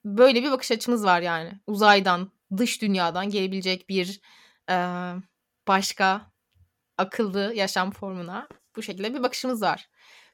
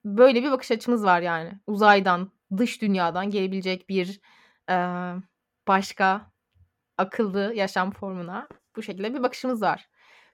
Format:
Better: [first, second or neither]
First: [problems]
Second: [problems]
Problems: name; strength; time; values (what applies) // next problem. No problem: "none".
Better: first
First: none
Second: muffled; slightly; fading above 3 kHz